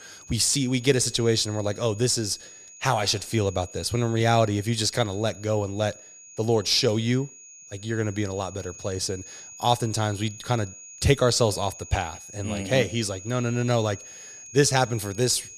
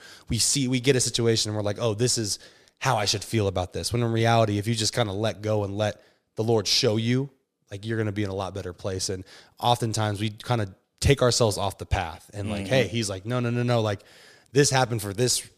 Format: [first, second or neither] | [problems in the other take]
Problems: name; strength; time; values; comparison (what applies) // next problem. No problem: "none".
second | high-pitched whine; noticeable; throughout; 6.5 kHz, 15 dB below the speech